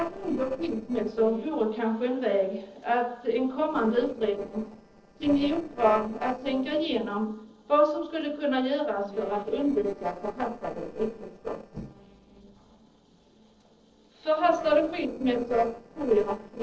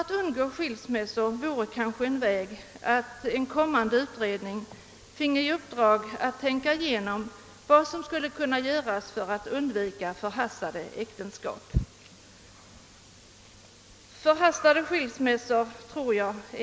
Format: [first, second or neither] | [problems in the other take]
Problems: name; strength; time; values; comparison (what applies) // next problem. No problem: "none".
second | noise reduction (neural separator model SepFormer DNS4)